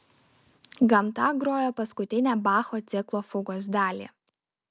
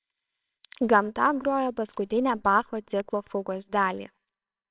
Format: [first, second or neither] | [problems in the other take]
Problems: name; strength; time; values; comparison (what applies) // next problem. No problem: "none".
first | noise reduction (neural separator model SepFormer WHAMR!)